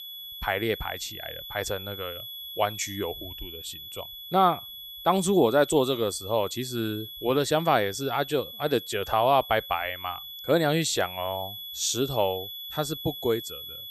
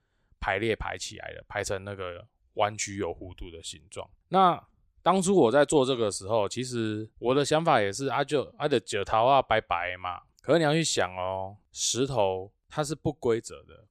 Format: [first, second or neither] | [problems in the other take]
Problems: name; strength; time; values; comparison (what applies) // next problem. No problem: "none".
second | high-pitched whine; noticeable; throughout; 3.5 kHz, 10 dB below the speech